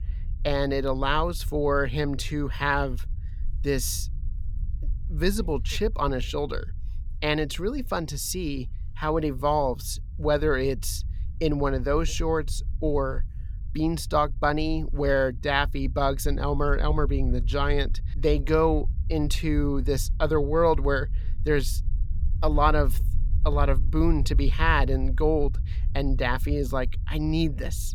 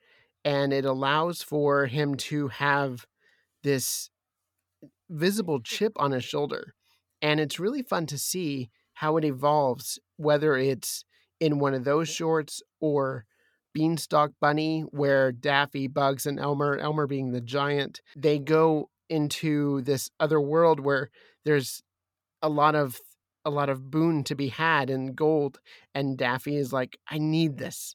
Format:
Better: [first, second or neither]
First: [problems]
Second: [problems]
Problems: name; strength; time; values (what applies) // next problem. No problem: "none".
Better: second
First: low rumble; faint; throughout; 25 dB below the speech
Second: none